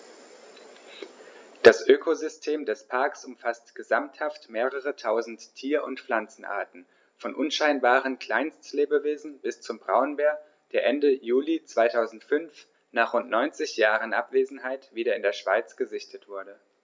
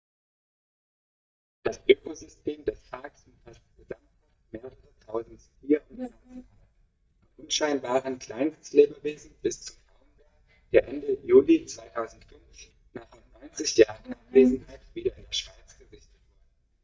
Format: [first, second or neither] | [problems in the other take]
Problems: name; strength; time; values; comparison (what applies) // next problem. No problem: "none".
first | noise reduction (neural mask model DeepFilterNet 3)